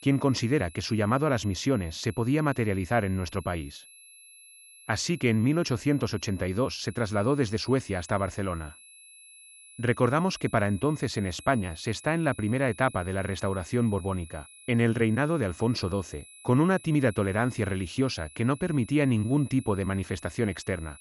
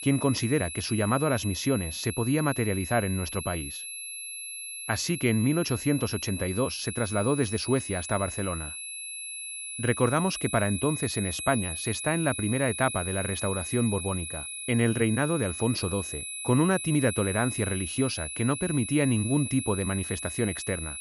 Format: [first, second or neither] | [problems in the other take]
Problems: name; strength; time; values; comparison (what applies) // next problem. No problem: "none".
first | high-pitched whine; loud; throughout; 11 kHz, 6 dB below the speech; faint in the first